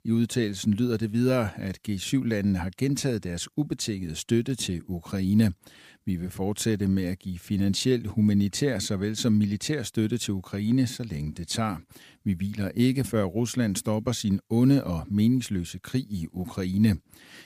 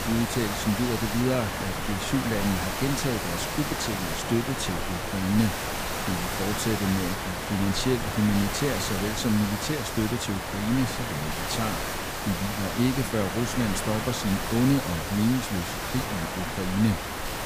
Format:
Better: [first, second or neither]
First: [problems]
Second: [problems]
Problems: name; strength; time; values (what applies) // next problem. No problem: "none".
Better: first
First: none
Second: hiss; loud; throughout; 2 dB below the speech